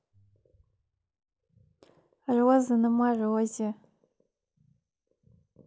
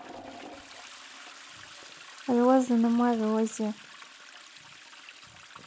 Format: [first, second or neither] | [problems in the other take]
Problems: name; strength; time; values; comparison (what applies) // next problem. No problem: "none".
first | background sound (Toilet flush); 17 dB below the speech